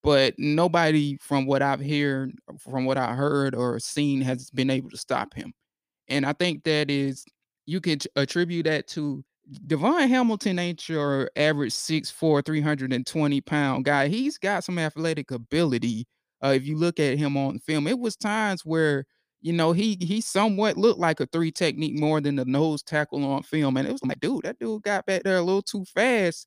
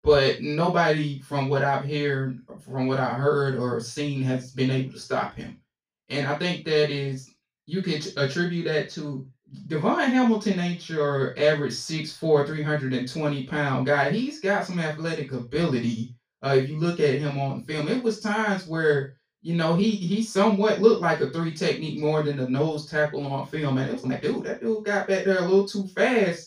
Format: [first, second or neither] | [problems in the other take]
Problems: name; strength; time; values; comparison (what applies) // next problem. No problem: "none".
first | room echo; noticeable; dies away in 0.2 s // off-mic speech; far